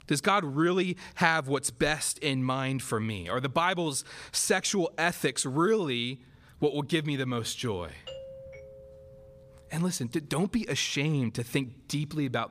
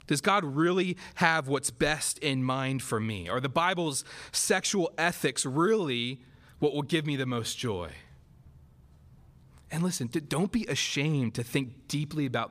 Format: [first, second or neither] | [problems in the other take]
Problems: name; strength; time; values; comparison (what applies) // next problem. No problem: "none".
second | doorbell; faint; from 8 to 9.5 s; peak 15 dB below the speech